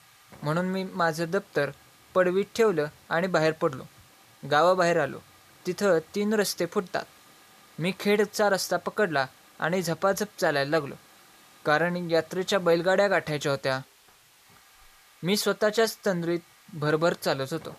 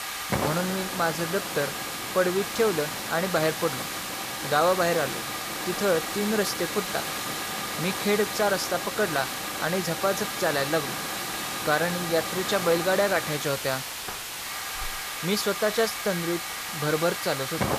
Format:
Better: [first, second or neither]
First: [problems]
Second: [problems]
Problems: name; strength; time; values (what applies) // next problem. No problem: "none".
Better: first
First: hiss; faint; throughout; 25 dB below the speech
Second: hiss; loud; throughout; 3 dB below the speech